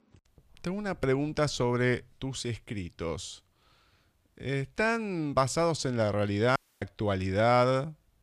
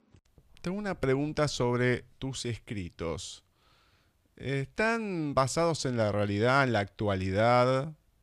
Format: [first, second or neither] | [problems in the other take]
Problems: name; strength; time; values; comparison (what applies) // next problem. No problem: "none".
second | audio cutting out; at 6.5 s